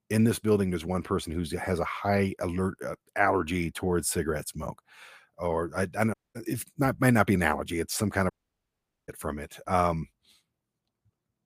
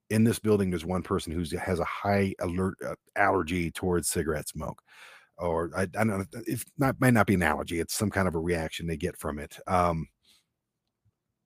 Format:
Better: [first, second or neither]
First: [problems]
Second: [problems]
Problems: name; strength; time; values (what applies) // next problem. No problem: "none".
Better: second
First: audio cutting out; at 6 s and at 8.5 s for 1 s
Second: none